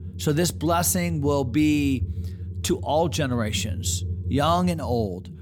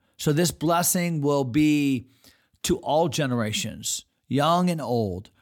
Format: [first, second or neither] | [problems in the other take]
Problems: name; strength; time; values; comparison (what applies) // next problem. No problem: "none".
second | low rumble; faint; throughout; 20 dB below the speech